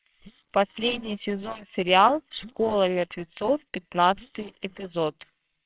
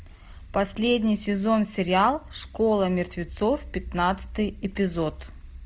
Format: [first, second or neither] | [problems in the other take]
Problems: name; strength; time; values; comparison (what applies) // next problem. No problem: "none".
second | noise reduction (neural separator model SepFormer WHAMR!)